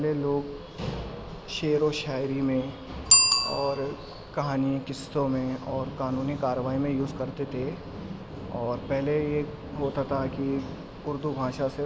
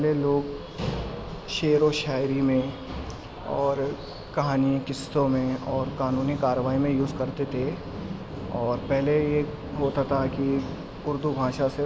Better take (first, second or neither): second